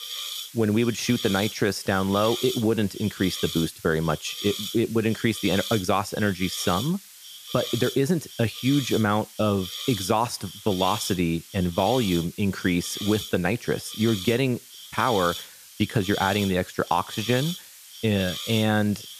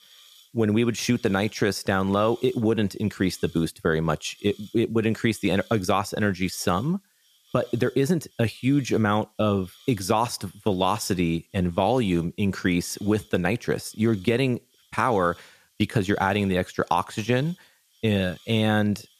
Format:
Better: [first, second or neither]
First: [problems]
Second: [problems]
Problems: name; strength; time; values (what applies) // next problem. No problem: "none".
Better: second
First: hiss; loud; throughout; 9 dB below the speech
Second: hiss; faint; throughout; 30 dB below the speech